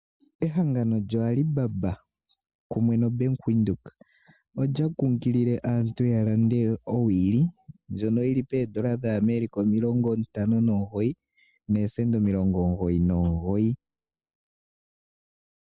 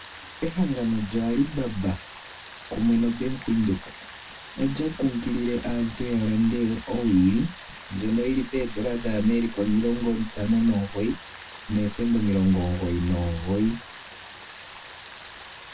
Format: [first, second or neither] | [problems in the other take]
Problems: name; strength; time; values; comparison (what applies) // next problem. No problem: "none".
first | background sound (Rain); 17 dB below the speech // room echo; dies away in 0.1 s